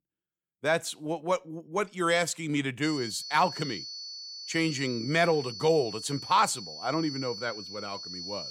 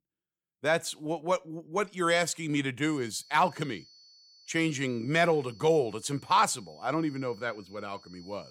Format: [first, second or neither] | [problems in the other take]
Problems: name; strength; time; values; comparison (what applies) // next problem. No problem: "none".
second | high-pitched whine; loud; from 3 s on; 4.5 kHz, 9 dB below the speech; faint in the second